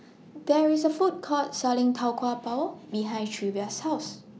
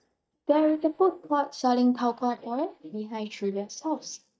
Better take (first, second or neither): first